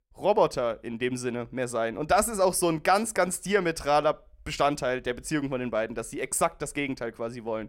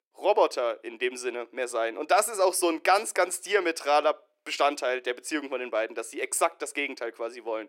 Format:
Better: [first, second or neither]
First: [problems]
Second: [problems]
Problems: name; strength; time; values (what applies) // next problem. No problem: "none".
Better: first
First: none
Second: thin; somewhat; fading below 350 Hz